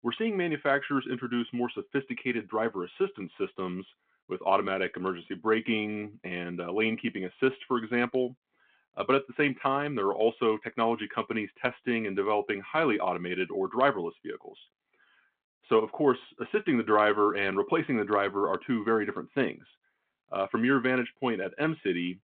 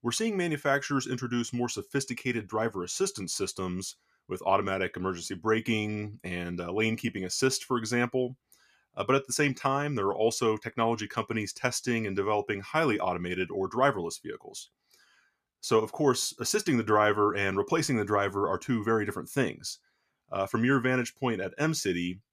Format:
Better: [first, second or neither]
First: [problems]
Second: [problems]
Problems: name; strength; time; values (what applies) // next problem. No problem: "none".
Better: second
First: phone-call audio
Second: none